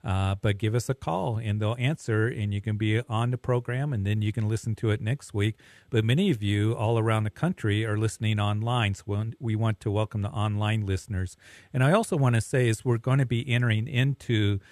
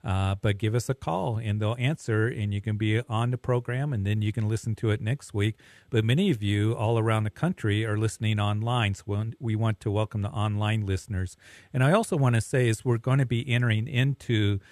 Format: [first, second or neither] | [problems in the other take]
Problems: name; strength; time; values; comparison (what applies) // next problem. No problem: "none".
neither | none